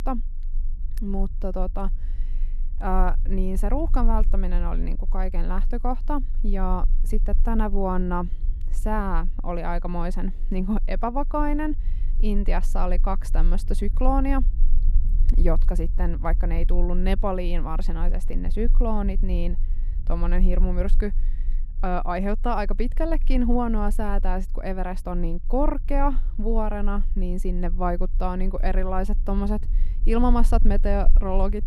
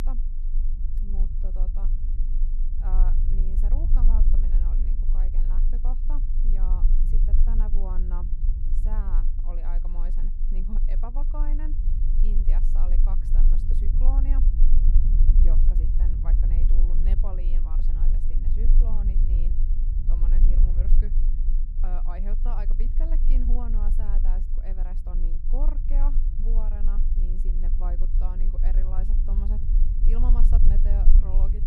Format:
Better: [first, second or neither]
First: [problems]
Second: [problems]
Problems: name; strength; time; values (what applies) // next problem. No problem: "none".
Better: first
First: low rumble; faint; throughout; 25 dB below the speech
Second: low rumble; loud; throughout; 3 dB below the speech